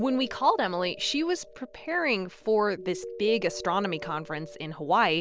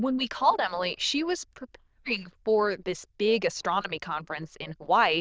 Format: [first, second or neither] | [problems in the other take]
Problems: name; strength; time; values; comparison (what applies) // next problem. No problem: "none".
first | noise reduction (neural diffusion model UNIVERSE++)